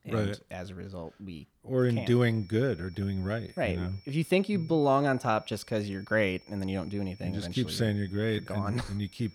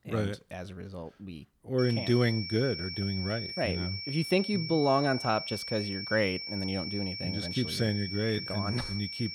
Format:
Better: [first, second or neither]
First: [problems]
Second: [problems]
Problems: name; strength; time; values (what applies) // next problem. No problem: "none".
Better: first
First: high-pitched whine; faint; from 2 s on; 5.5 kHz, 25 dB below the speech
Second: high-pitched whine; loud; from 2 s on; 5.5 kHz, 6 dB below the speech